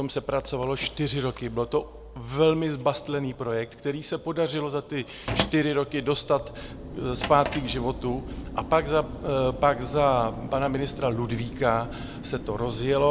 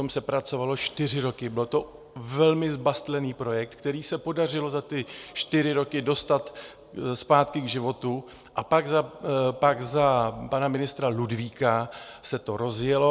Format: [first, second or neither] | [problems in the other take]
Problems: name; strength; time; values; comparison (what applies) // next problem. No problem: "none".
second | background sound (Mechanical fan + Drawer open or close); 11 dB below the speech